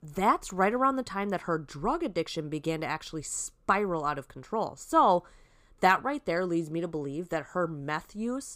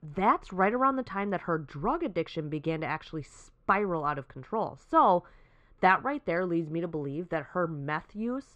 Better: first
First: none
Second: muffled; very; fading above 2.5 kHz

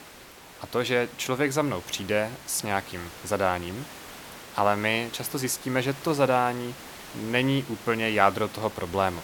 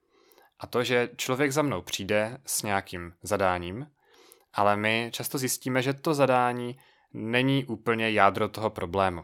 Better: second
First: hiss; noticeable; throughout; 15 dB below the speech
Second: none

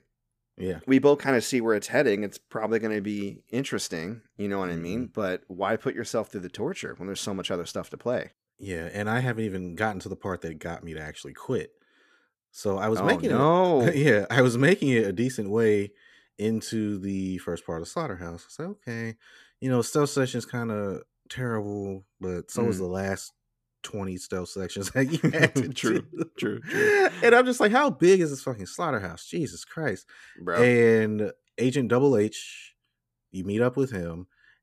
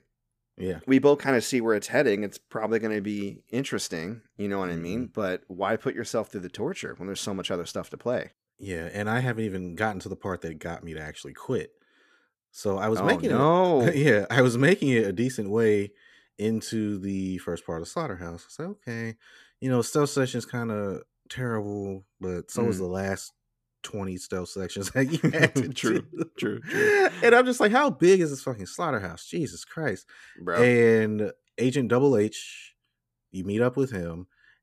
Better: neither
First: none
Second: none

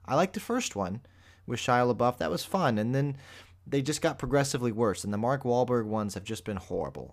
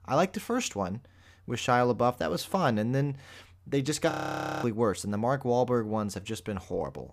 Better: first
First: none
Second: audio freezing; at 4 s for 0.5 s

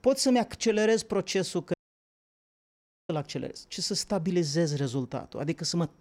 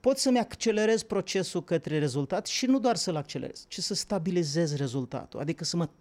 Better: second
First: audio cutting out; at 1.5 s for 1.5 s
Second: none

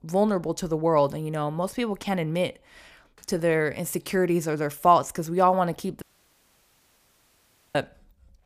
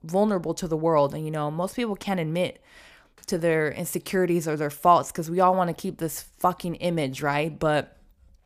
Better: second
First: audio cutting out; at 6 s for 1.5 s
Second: none

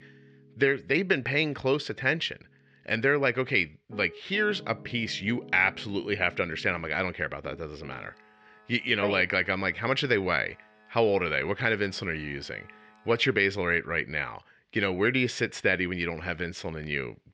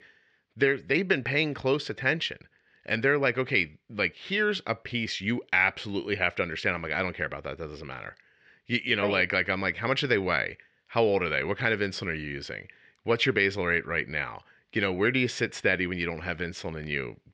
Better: second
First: background music; faint; until 13 s; 25 dB below the speech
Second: none

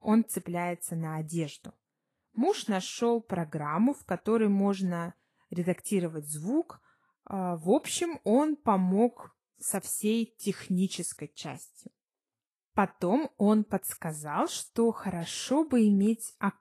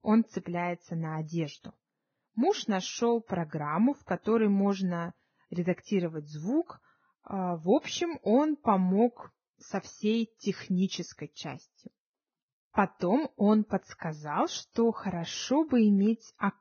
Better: first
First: garbled, watery; slightly; nothing above 12.5 kHz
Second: garbled, watery; badly; nothing above 6.5 kHz

